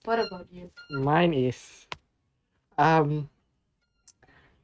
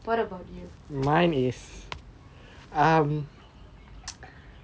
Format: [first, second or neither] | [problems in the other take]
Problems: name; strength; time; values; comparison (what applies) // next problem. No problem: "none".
second | noise reduction (neural mask model RNNoise)